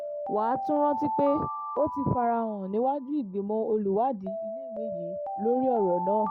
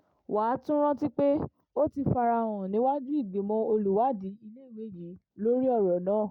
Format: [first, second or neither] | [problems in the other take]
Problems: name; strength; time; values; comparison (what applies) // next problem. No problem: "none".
second | background sound (Alarm); 6 dB below the speech